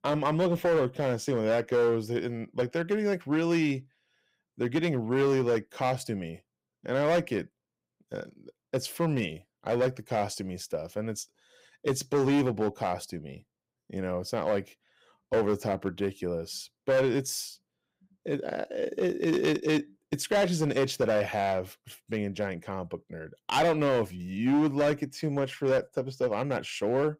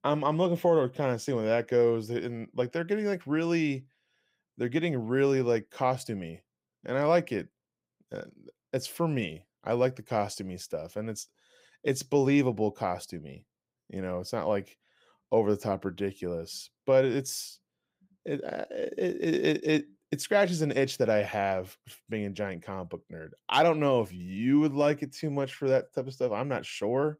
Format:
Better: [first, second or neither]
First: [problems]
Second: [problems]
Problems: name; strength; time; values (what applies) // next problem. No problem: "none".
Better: second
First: distortion; slight; 6% of the sound clipped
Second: none